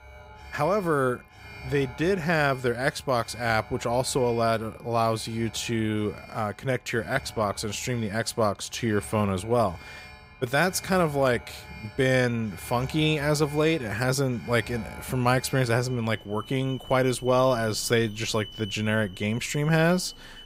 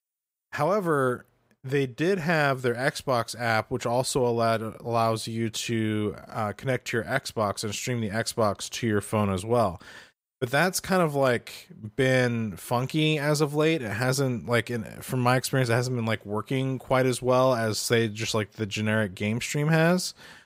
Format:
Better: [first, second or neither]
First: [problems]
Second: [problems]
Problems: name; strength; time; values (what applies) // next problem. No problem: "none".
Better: second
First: alarms or sirens; noticeable; throughout; 20 dB below the speech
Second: none